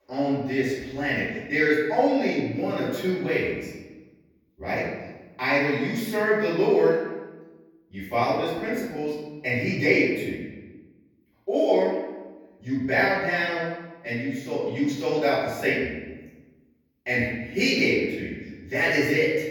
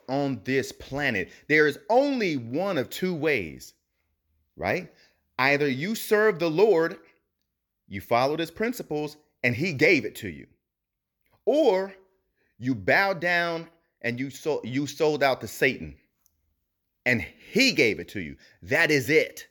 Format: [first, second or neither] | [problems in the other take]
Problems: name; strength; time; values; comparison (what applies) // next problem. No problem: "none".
second | off-mic speech; far // room echo; strong; dies away in 1.1 s